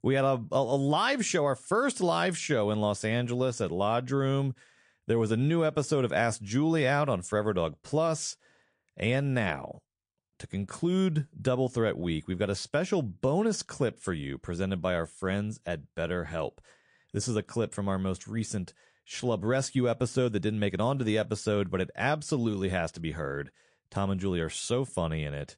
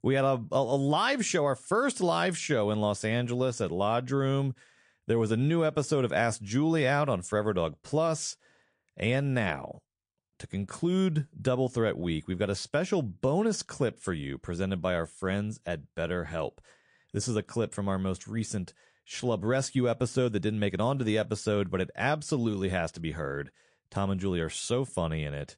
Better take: neither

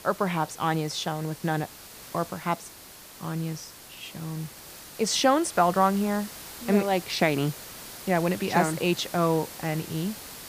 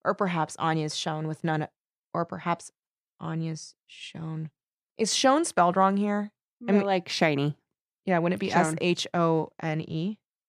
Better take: second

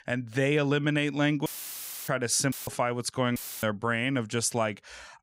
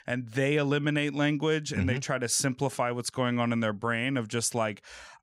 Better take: second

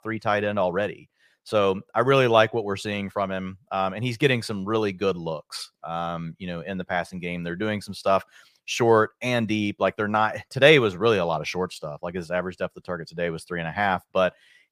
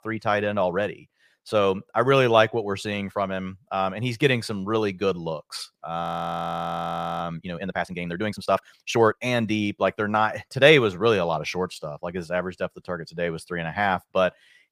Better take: first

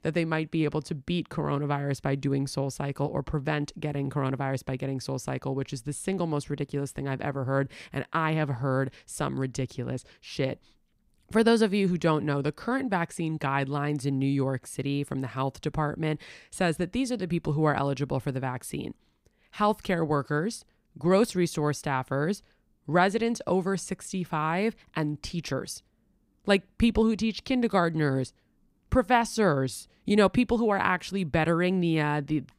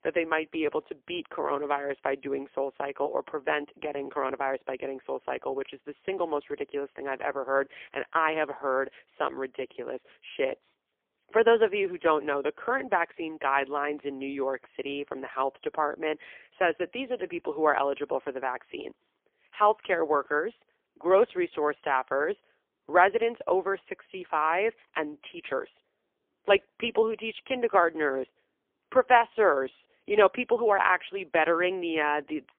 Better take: first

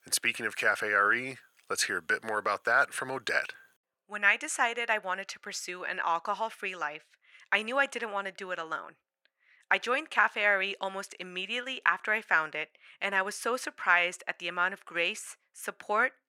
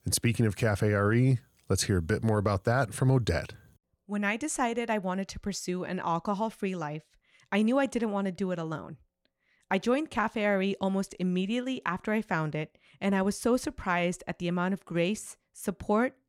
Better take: second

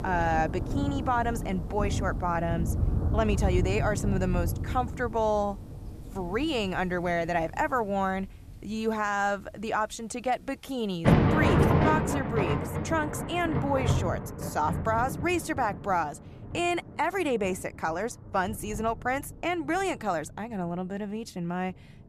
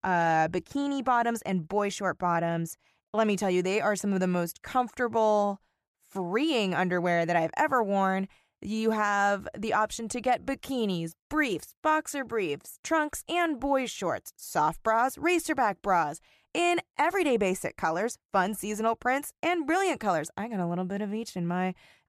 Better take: second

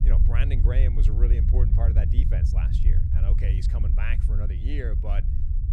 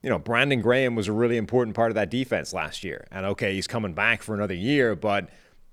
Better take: second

